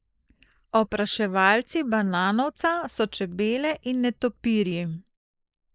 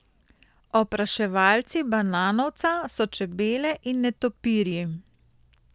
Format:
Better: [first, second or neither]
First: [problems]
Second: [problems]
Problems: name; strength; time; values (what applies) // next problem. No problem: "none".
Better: second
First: noise reduction (neural mask model Resemble Enhance denoiser)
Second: none